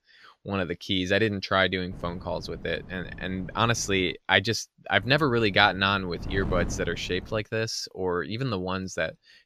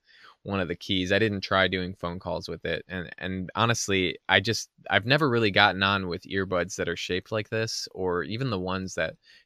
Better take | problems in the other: second | wind noise on the microphone; occasional gusts; from 2 to 4 s and from 5 to 7.5 s; 20 dB below the speech

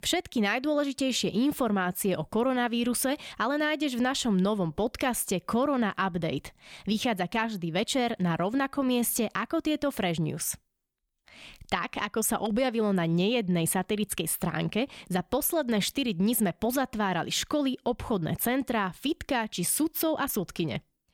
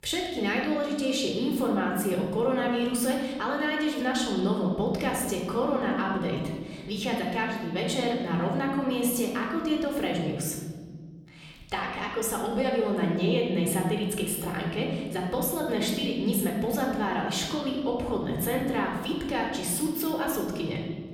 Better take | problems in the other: first | off-mic speech; somewhat distant // room echo; noticeable; dies away in 1.5 s

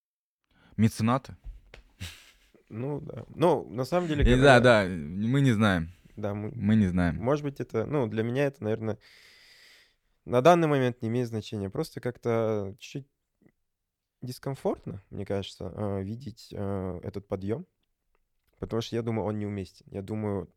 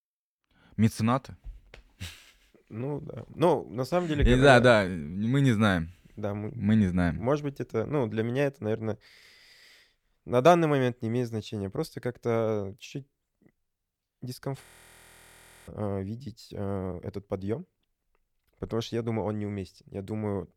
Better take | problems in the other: first | audio freezing; at 15 s for 1 s

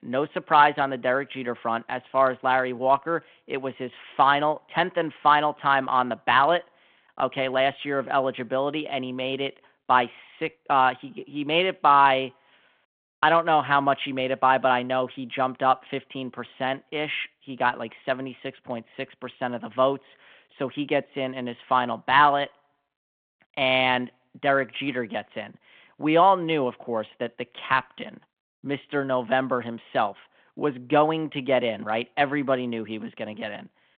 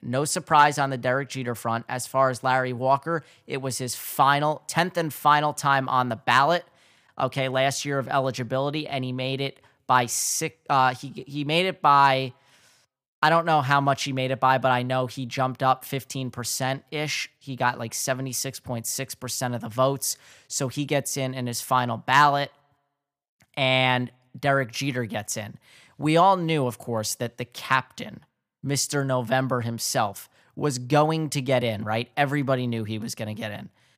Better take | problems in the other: second | phone-call audio

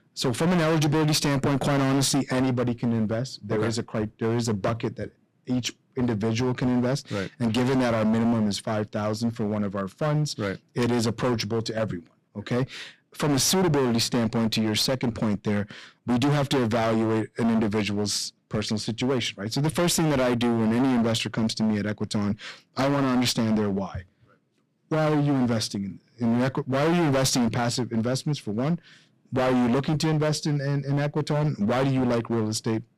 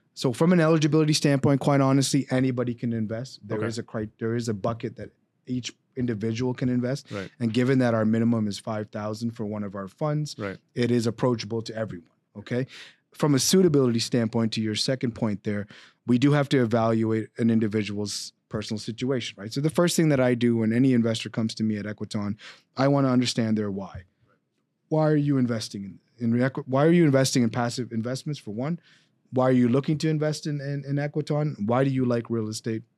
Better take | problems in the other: second | distortion; heavy; 21% of the sound clipped

